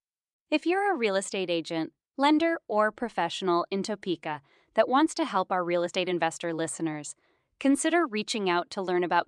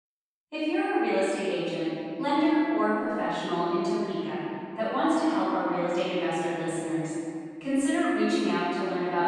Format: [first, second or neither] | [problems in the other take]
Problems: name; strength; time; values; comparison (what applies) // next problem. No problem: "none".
first | off-mic speech; far // room echo; strong; dies away in 2.6 s